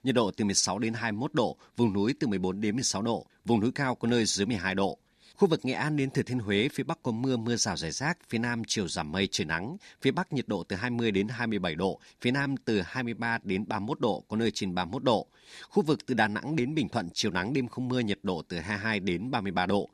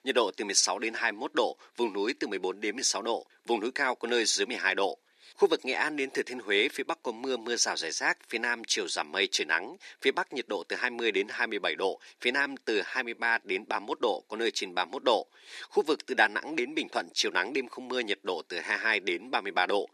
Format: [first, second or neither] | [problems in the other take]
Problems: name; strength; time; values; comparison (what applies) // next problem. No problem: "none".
first | thin; somewhat; fading below 350 Hz